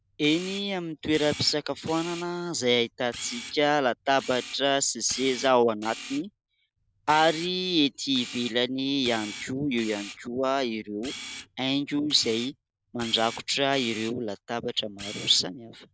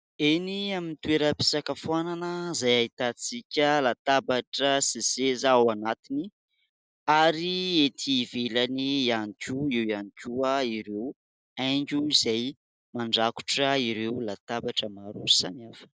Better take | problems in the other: second | background sound (Camera); 15 dB below the speech

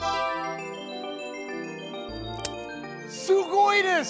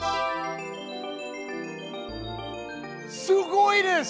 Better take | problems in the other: second | background sound (Crack); 20 dB below the speech

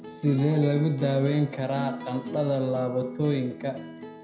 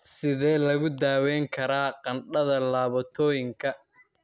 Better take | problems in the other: second | background sound (Acoustic guitar); 11 dB below the speech // room echo; dies away in 0.5 s

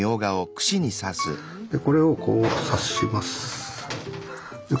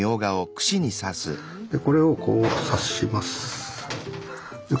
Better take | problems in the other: second | background sound (Piano); 14 dB below the speech

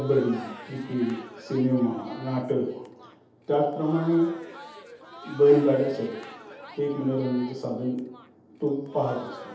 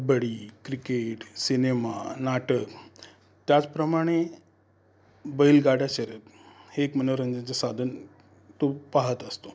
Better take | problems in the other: second | background sound (Crowd); 18 dB below the speech // room echo; dies away in 0.8 s

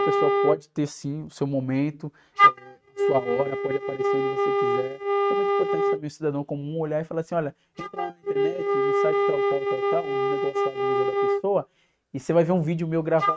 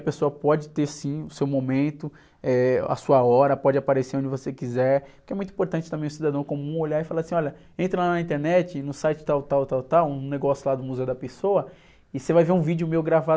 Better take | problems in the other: second | noise reduction (neural mask model RNNoise)

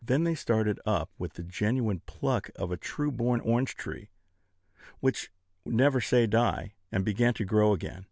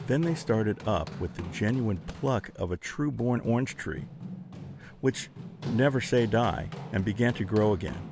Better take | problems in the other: first | background sound (Run); 13 dB below the speech

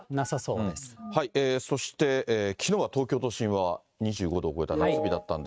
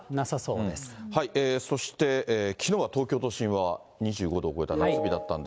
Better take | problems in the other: second | noise reduction (neural mask model RNNoise)

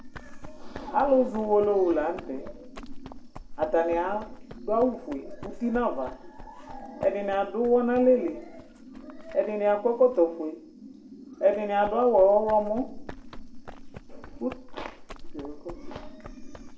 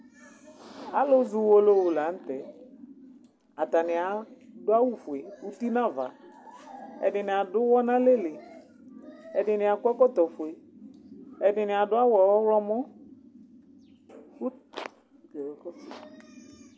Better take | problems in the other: second | background sound (Run); 14 dB below the speech // room echo; dies away in 0.4 s

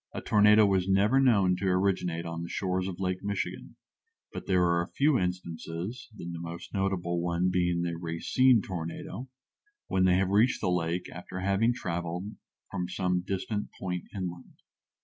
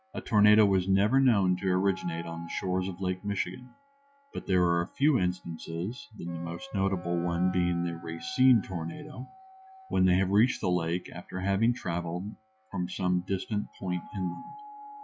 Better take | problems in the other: first | noise reduction (classical method log-MMSE)

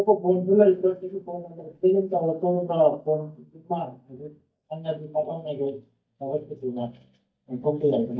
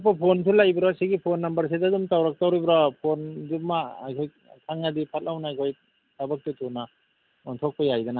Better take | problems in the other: second | noise reduction (neural mask model DeepFilterNet 3)

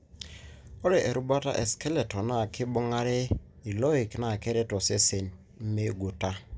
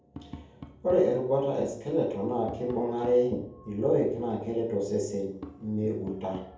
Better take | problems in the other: first | background sound (Tap); 19 dB below the speech // room echo; dies away in 0.7 s

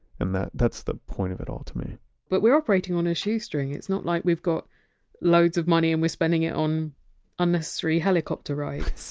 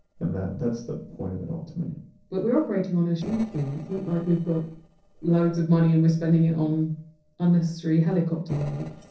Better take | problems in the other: first | noise reduction (neural separator model SepFormer DNS4)

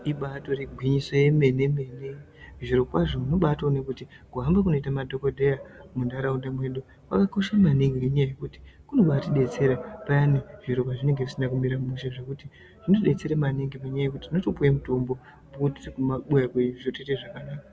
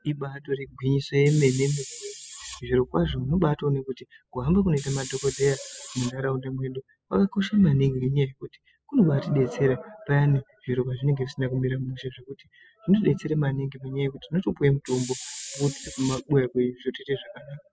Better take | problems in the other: first | noise reduction (classical method spectral subtraction)

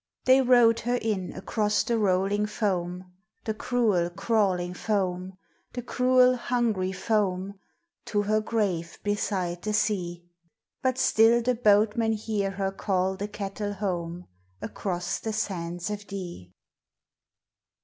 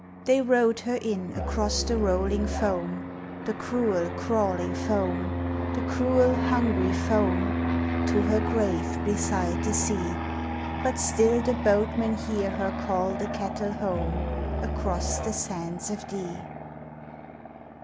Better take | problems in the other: first | background sound (Musical instrument + Fixed-wing aircraft, airplane); 2 dB below the speech

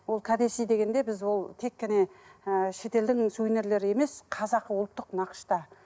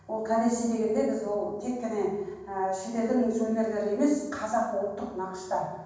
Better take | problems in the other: first | room echo; dies away in 1.2 s

